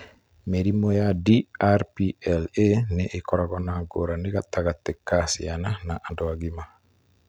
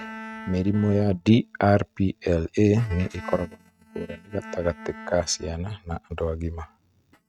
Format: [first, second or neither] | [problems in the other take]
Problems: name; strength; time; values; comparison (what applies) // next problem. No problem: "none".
first | noise reduction (neural mask model RNNoise)